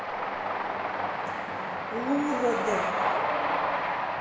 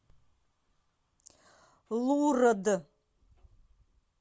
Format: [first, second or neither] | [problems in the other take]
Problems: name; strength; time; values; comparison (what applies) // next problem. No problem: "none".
second | background sound (Train); 5 dB above the speech // room echo; dies away in 1.1 s